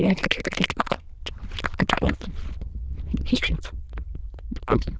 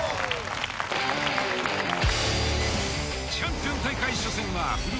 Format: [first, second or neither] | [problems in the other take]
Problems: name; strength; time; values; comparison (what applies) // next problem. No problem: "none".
second | noise reduction (neural diffusion model UNIVERSE++)